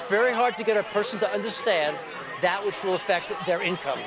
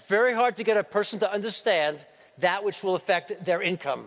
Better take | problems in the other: second | background sound (Crowd); 10 dB below the speech

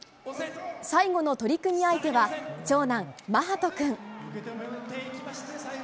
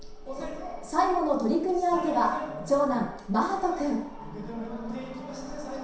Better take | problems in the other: first | background sound (Telephone); 15 dB below the speech // room echo; dies away in 0.7 s

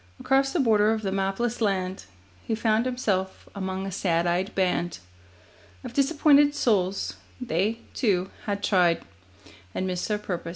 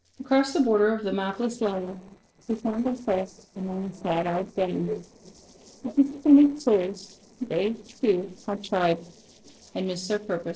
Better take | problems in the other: first | noise reduction (neural separator model SepFormer DNS4)

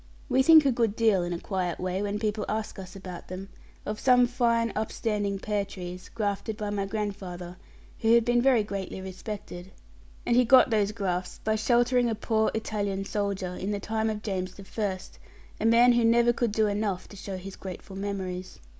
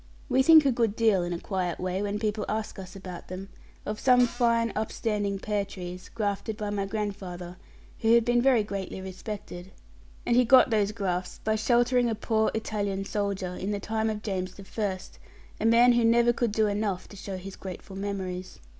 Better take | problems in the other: first | background sound (Cupboard open or close); 16 dB below the speech

